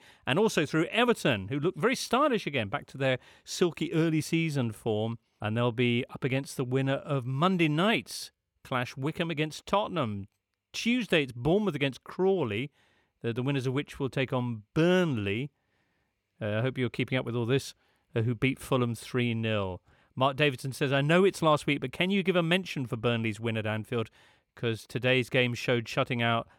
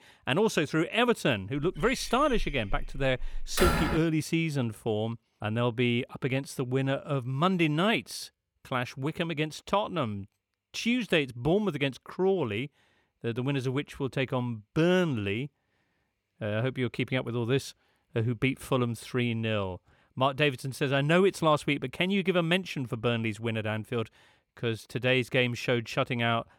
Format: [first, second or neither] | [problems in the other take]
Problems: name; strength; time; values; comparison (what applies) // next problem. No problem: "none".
first | door banging; loud; from 1.5 to 4 s; peak 2 dB above the speech